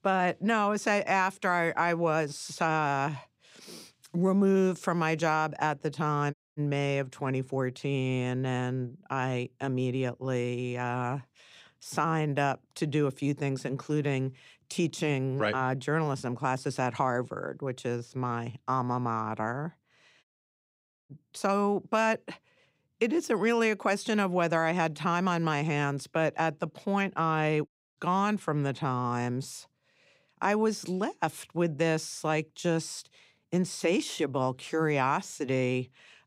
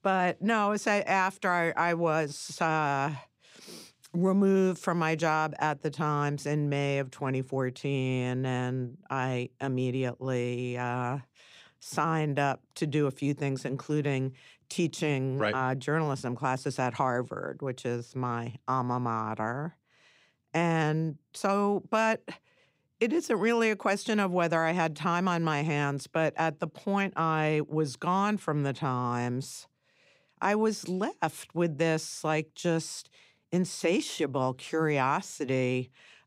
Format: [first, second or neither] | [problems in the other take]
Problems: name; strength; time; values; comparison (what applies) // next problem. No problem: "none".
second | audio cutting out; at 6.5 s, at 20 s for 1 s and at 28 s